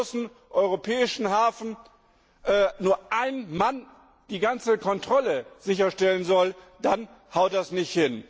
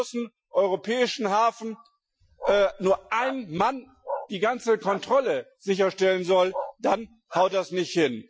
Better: first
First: none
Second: noise reduction (classical method Wiener filter)

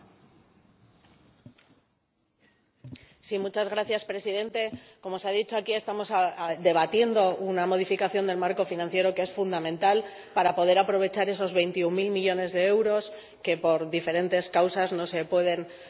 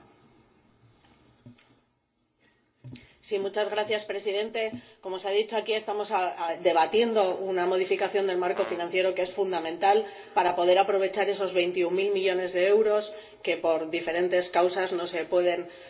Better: first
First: none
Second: background sound (Brass instrument); 16 dB below the speech // room echo; dies away in 0.2 s

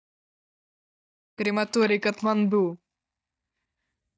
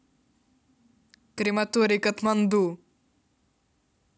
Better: second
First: noise reduction (neural mask model DeepFilterNet 3)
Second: none

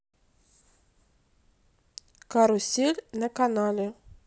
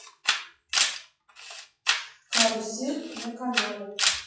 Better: first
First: none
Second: noise reduction (classical method WPE with log-MMSE)

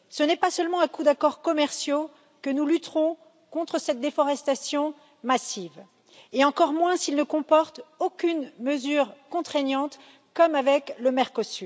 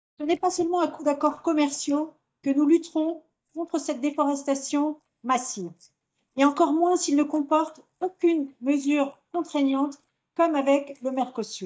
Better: first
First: none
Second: noise reduction (neural mask model DeepFilterNet 3)

